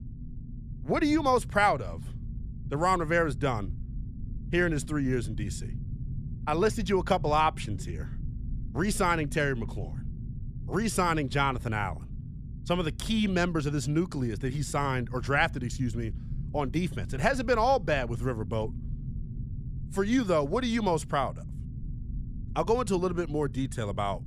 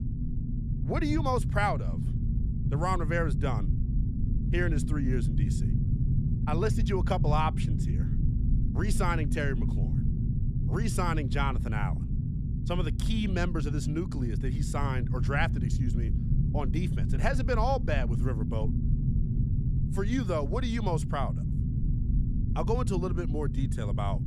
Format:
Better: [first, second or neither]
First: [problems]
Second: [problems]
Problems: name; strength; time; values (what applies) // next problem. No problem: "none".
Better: first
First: low rumble; faint; throughout; 25 dB below the speech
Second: low rumble; loud; throughout; 9 dB below the speech